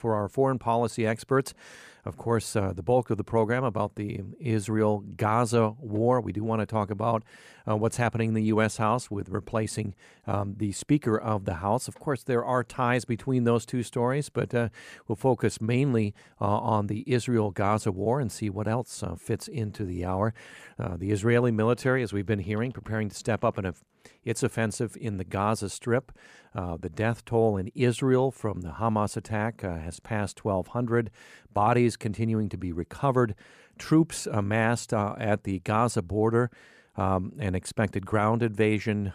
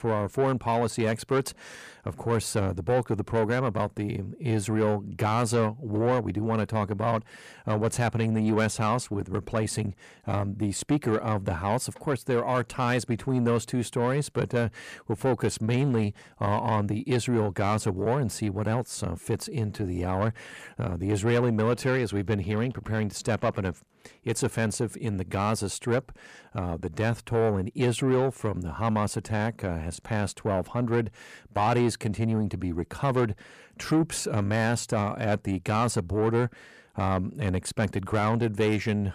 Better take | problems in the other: first | distortion; slight; 10 dB below the speech

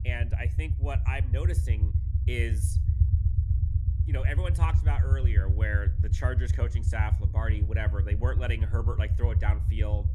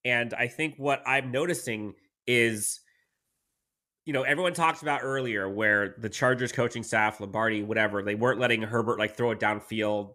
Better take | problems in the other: second | low rumble; loud; throughout; 6 dB below the speech

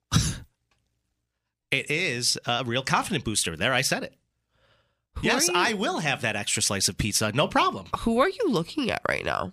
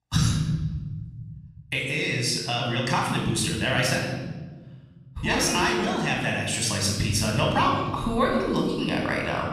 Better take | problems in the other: first | off-mic speech; somewhat distant // room echo; noticeable; dies away in 1.8 s

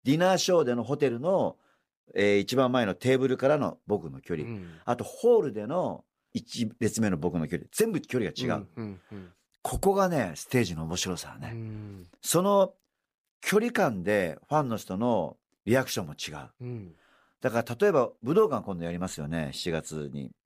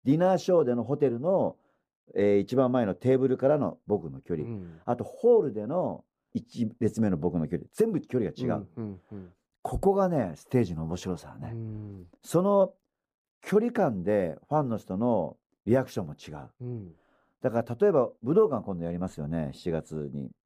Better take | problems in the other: first | muffled; slightly; fading above 1.5 kHz

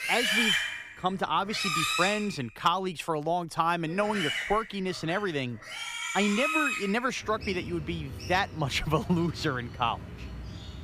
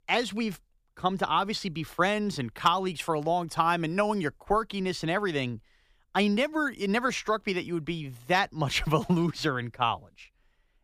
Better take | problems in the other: second | animal sounds; loud; throughout; 2 dB below the speech

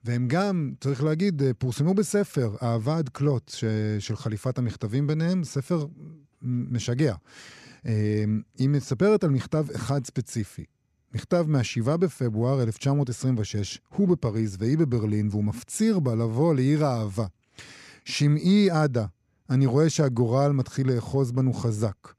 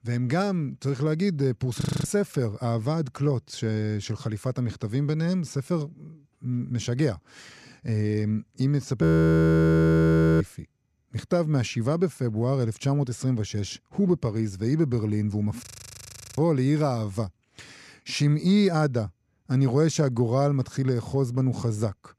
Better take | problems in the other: first | audio freezing; at 2 s, at 9 s for 1.5 s and at 16 s for 0.5 s

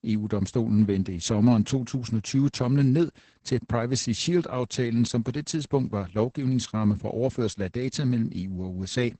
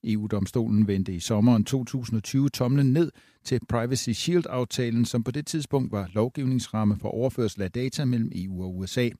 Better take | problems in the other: second | garbled, watery; badly; nothing above 8 kHz

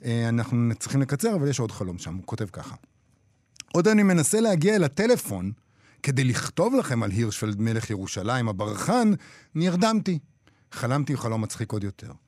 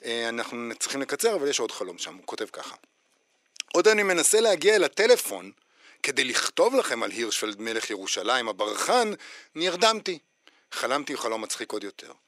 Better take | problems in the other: first | thin; very; fading below 350 Hz

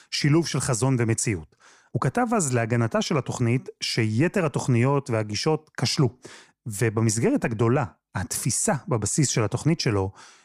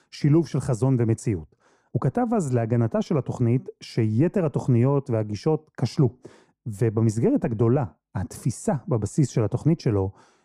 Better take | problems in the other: first | muffled; slightly; fading above 1 kHz

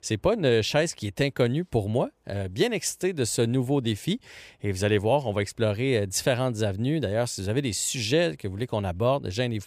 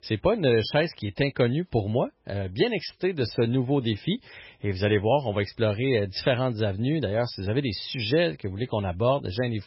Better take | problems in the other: first | garbled, watery; badly; nothing above 5.5 kHz

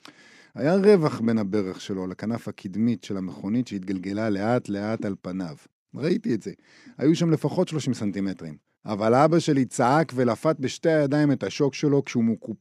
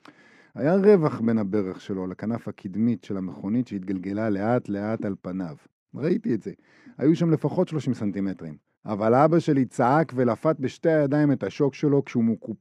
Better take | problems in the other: first | muffled; slightly; fading above 2.5 kHz

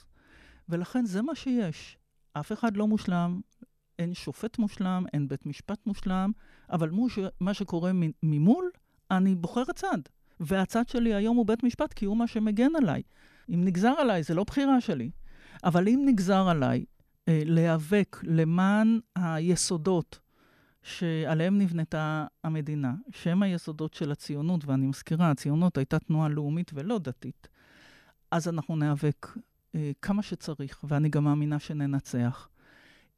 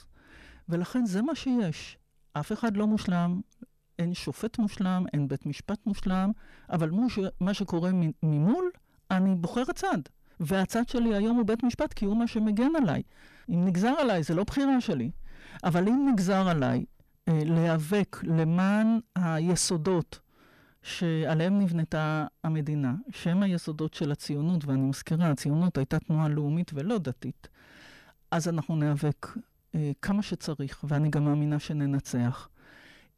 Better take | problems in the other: first | distortion; slight; 10 dB below the speech

